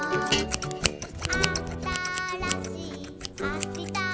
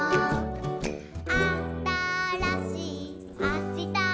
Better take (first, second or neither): second